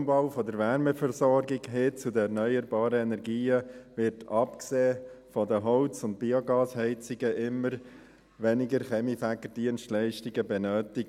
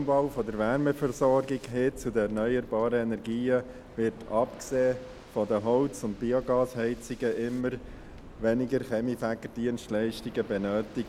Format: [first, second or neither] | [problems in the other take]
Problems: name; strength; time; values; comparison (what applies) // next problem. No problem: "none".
first | background sound (Waves, surf); 19 dB below the speech